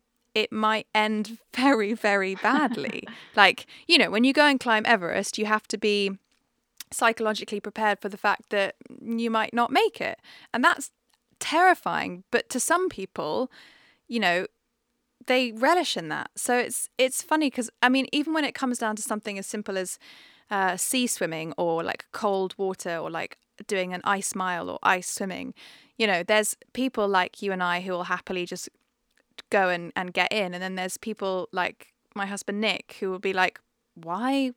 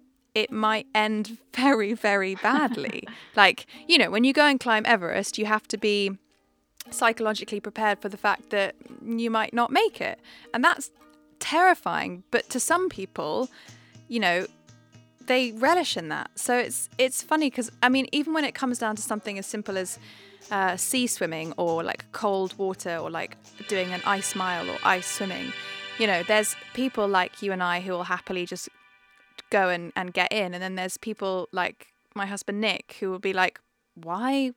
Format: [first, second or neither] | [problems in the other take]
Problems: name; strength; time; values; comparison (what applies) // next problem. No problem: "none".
first | background music; noticeable; throughout; 15 dB below the speech